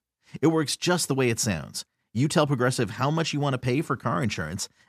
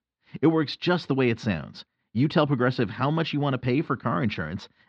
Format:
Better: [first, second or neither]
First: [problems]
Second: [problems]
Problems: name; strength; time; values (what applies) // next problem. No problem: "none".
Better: first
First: none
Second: muffled; slightly; fading above 4 kHz